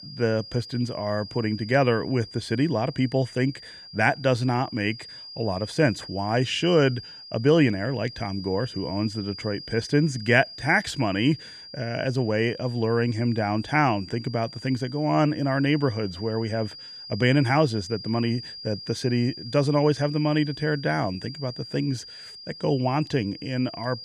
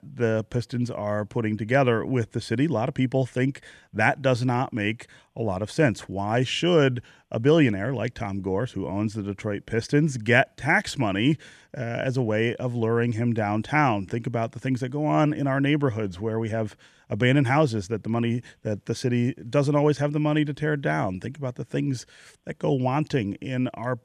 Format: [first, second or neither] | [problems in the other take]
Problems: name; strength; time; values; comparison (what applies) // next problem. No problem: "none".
second | high-pitched whine; noticeable; throughout; 5 kHz, 15 dB below the speech